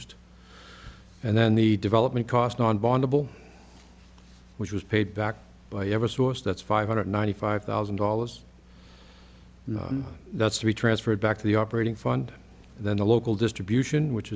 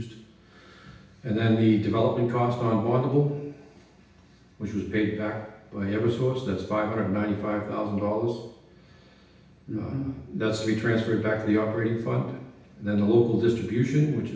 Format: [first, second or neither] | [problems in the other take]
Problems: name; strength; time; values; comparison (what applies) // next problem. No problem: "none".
first | room echo; dies away in 0.9 s